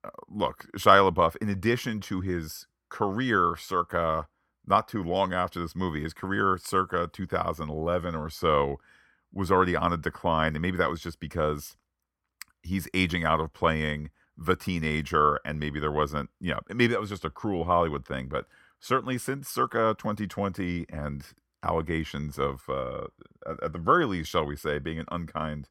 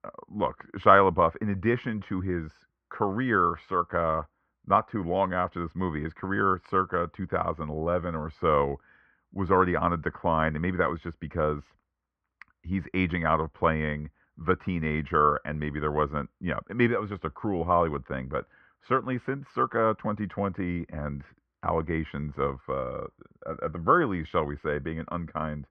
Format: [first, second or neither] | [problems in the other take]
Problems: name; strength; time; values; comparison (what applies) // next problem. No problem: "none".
first | muffled; very; fading above 2 kHz